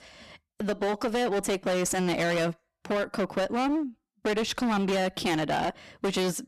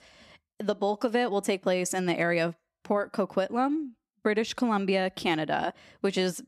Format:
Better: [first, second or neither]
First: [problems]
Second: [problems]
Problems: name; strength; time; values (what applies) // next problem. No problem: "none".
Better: second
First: distortion; heavy; 26% of the sound clipped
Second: none